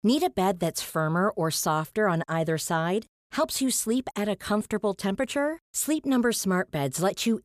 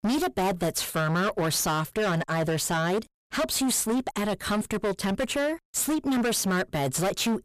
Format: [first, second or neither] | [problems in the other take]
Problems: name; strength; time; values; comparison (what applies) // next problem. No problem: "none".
first | distortion; heavy; 24% of the sound clipped